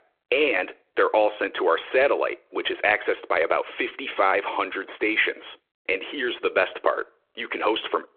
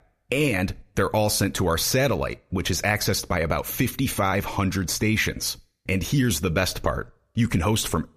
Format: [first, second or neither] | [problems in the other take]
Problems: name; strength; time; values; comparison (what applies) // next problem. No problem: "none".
second | phone-call audio